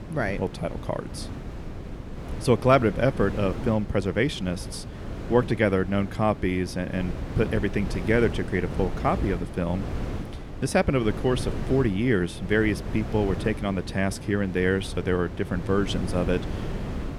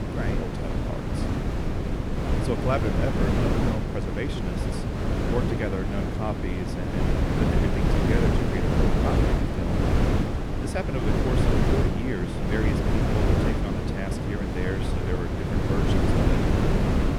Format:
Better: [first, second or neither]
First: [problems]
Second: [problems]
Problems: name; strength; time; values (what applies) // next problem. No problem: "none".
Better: first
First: wind noise on the microphone; occasional gusts; 15 dB below the speech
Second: wind noise on the microphone; heavy; 4 dB above the speech